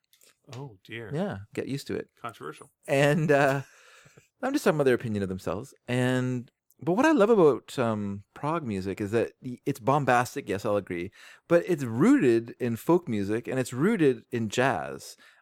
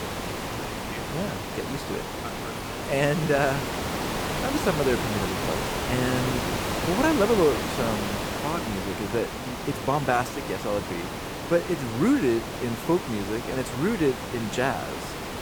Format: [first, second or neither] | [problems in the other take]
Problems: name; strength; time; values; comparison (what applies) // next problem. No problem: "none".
first | hiss; loud; throughout; 3 dB below the speech